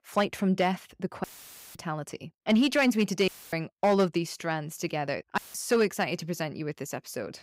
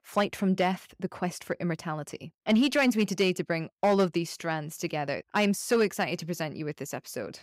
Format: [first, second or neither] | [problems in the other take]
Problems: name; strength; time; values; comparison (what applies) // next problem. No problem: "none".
second | audio cutting out; filled with static; at 1 s for 0.5 s, at 3.5 s and at 5.5 s